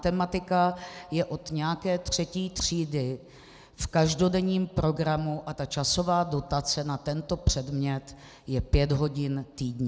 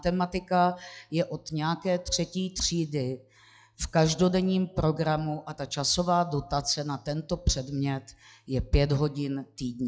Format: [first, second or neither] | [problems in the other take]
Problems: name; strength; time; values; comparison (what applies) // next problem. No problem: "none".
first | noise reduction (classical method log-MMSE)